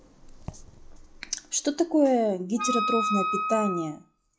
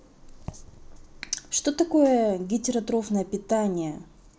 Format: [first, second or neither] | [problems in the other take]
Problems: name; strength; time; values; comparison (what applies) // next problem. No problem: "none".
second | noise reduction (classical method log-MMSE)